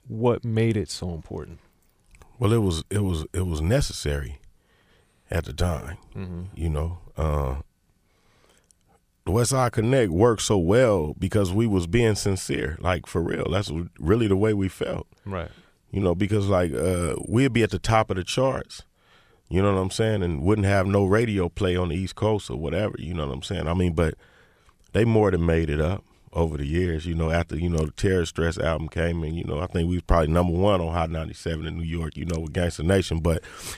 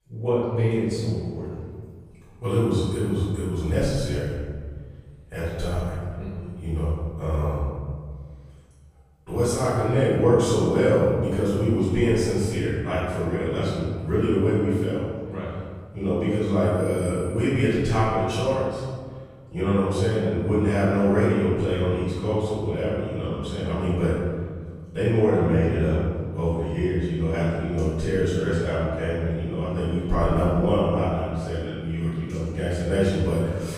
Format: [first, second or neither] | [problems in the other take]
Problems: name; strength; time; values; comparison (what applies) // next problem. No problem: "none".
first | off-mic speech; far // room echo; strong; dies away in 1.7 s